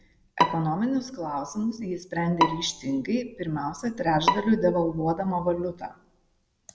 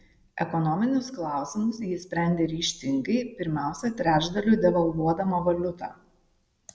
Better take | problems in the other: second | background sound (Bowed string instrument); 4 dB below the speech

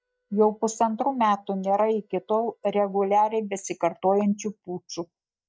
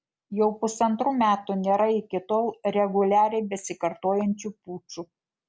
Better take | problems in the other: second | noise reduction (neural mask model DeepFilterNet 3)

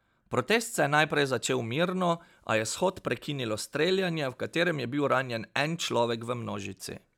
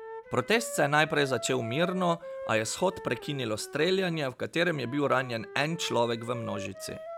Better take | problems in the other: first | background sound (Wind instrument, woodwind instrument); 13 dB below the speech

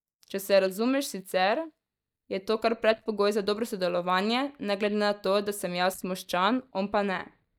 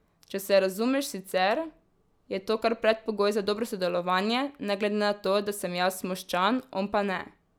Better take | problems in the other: second | noise reduction (neural mask model DeepFilterNet 3)

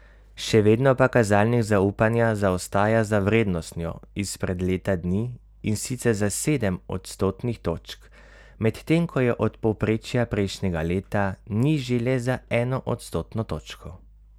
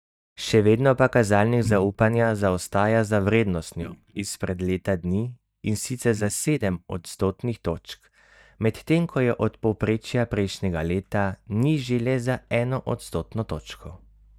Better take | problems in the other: first | noise reduction (neural mask model DeepFilterNet 3)

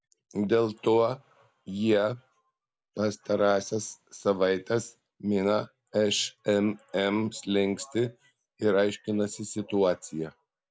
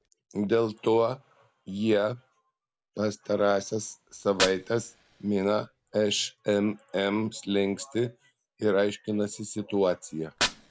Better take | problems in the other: first | background sound (Fire); 13 dB below the speech

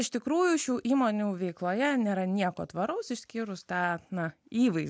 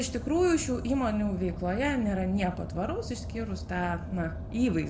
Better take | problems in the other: first | background sound (Car); 8 dB below the speech // room echo; dies away in 1.2 s

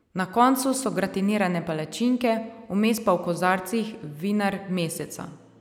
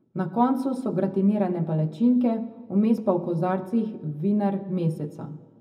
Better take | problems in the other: first | room echo; dies away in 0.4 s

